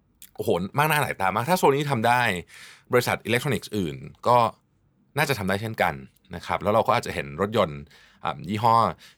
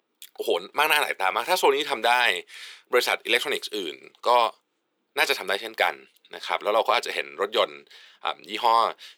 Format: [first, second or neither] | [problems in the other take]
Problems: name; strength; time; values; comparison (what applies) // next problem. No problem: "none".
first | thin; very; fading below 350 Hz